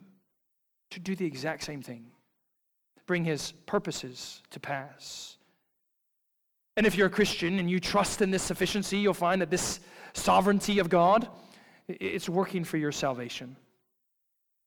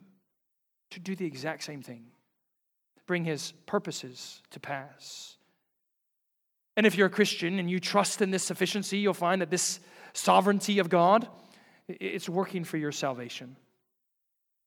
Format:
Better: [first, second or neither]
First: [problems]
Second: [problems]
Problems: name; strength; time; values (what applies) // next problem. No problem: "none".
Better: second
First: distortion; slight; 9 dB below the speech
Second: none